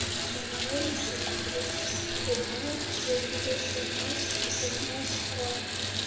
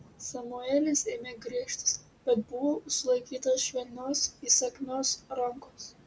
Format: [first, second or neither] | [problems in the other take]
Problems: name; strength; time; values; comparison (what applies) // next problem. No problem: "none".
second | background sound (Bathtub (filling or washing) / Water tap, faucet); 4 dB above the speech // room echo; dies away in 1 s